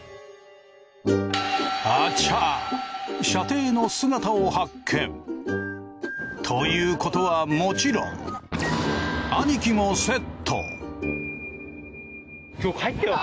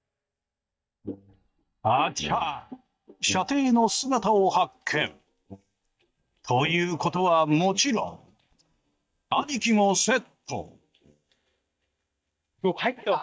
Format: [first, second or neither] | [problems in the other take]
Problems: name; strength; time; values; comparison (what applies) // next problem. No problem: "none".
first | noise reduction (neural mask model DeepFilterNet 3)